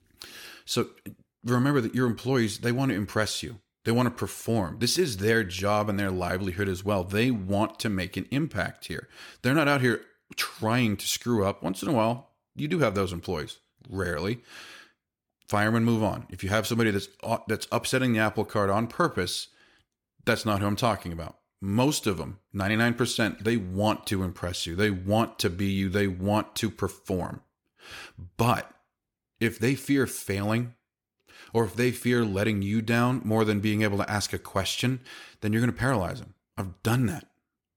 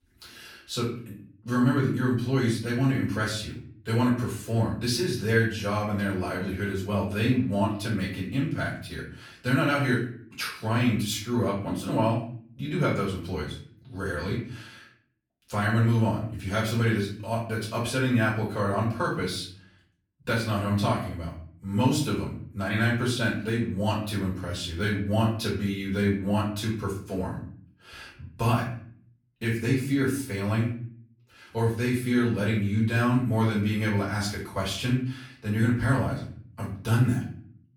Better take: first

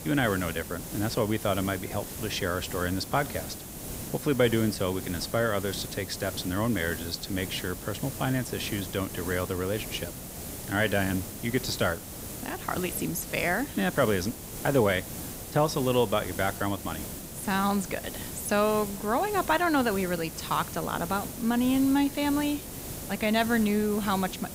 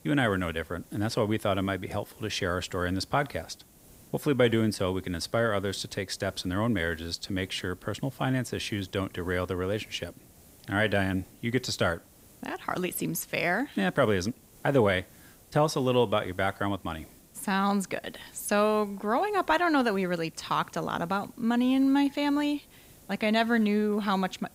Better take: second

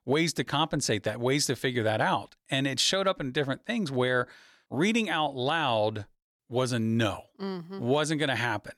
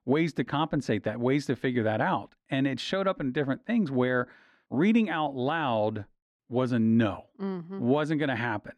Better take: first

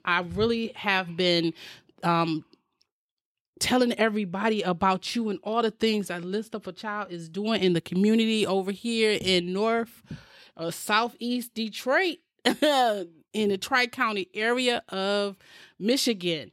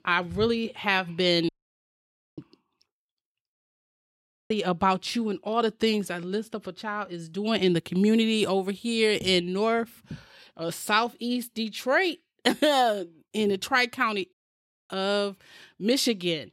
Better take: first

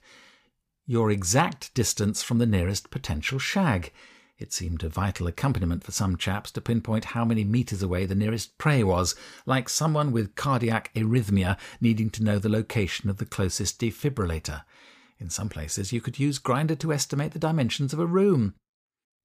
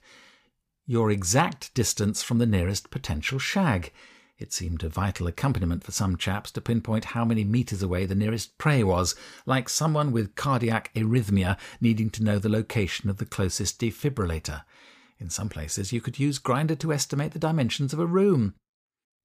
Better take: neither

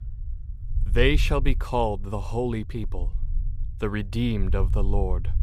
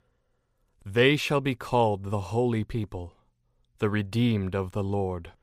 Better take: second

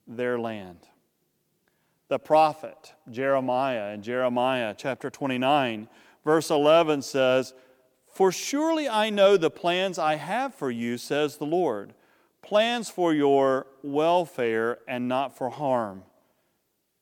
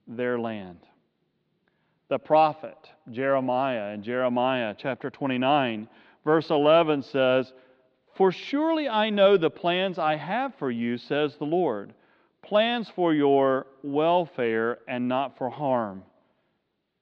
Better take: first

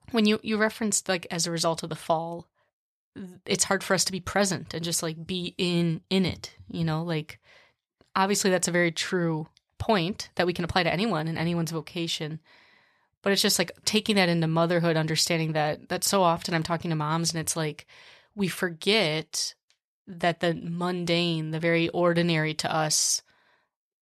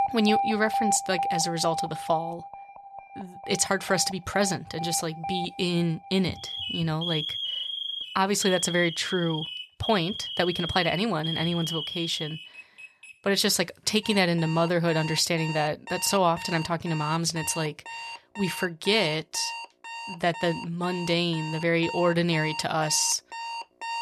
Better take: first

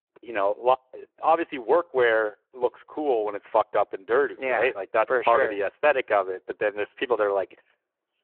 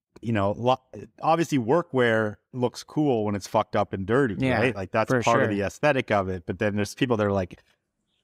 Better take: second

